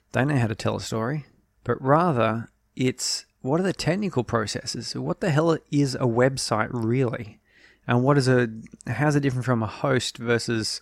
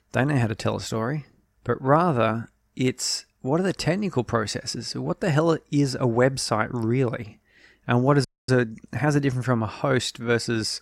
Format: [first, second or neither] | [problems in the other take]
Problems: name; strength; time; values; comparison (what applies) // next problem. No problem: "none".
first | audio freezing; at 8.5 s